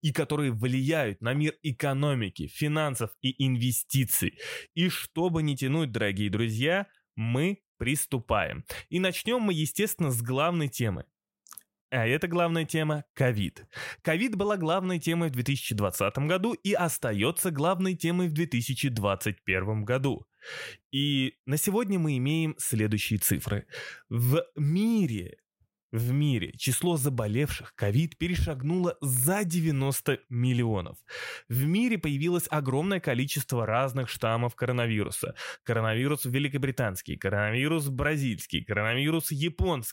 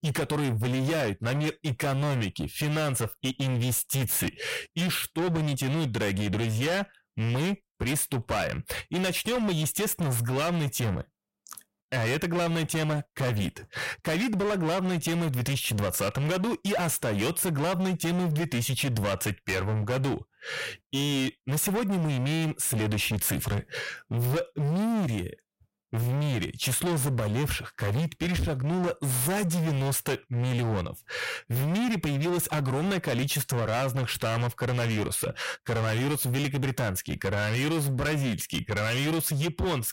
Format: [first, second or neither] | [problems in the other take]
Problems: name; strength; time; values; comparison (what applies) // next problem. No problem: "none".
first | distortion; heavy; 33% of the sound clipped